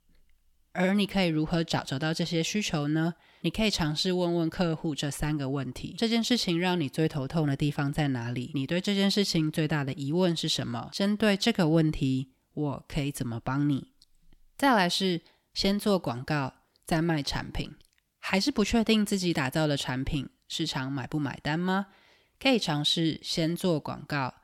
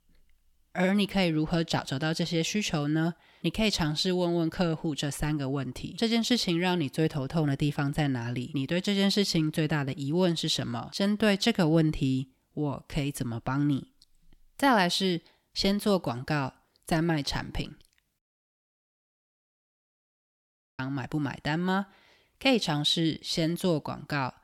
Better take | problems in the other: first | audio cutting out; at 18 s for 2.5 s

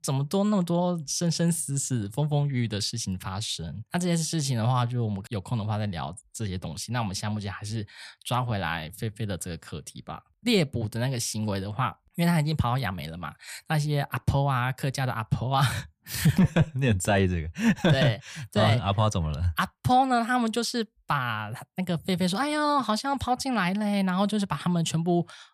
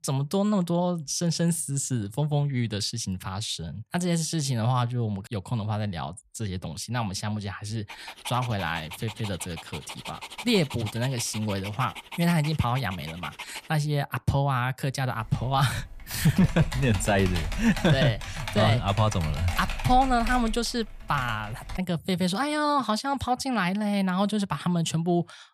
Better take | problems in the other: first | dog barking; faint; from 8 to 14 s; peak 10 dB below the speech // keyboard typing; noticeable; from 15 to 22 s; peak 6 dB below the speech

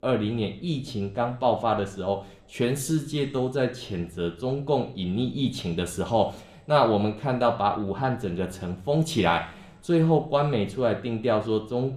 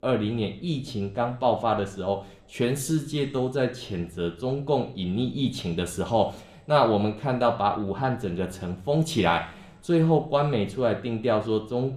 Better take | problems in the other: neither | room echo; very slight; dies away in 0.6 s; the same in both

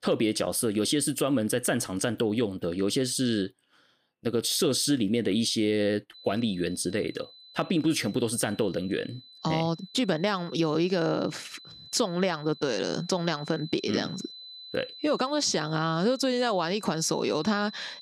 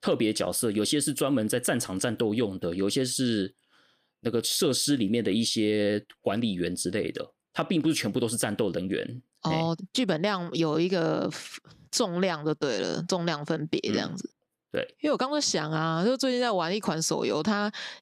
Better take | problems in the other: second | high-pitched whine; noticeable; from 6 s on; 4 kHz, 15 dB below the speech

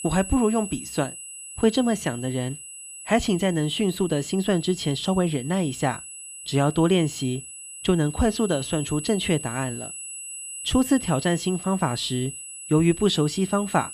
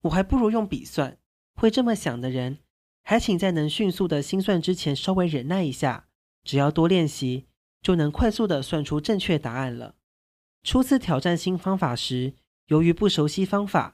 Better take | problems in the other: second | high-pitched whine; noticeable; throughout; 8 kHz, 10 dB below the speech

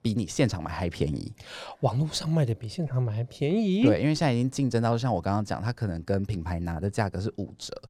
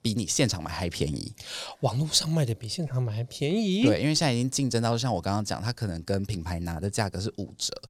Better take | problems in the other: second | muffled; slightly; fading above 3 kHz

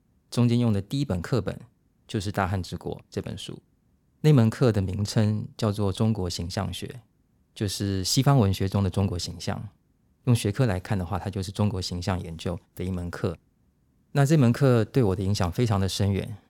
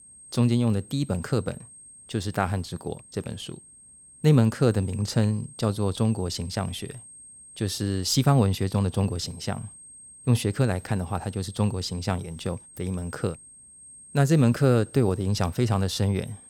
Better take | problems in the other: first | high-pitched whine; noticeable; throughout; 8.5 kHz, 20 dB below the speech

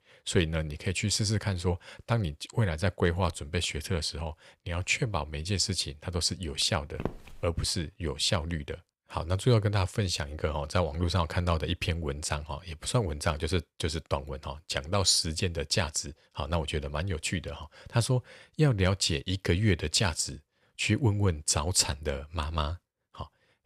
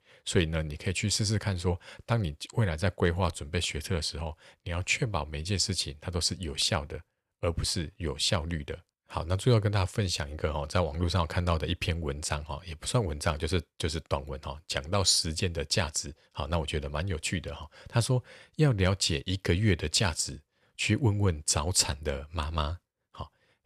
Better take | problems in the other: second | footsteps; noticeable; at 7 s; peak 9 dB below the speech

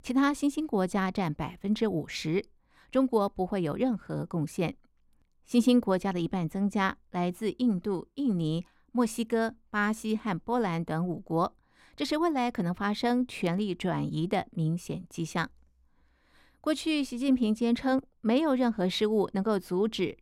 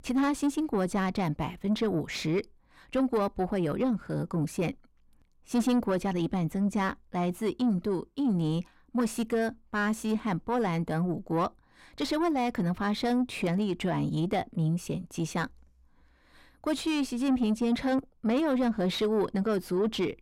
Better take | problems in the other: first | distortion; slight; 10 dB below the speech

